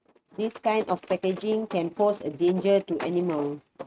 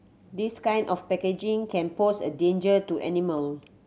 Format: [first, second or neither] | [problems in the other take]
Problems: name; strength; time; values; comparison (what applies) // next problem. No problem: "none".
second | noise reduction (neural mask model RNNoise)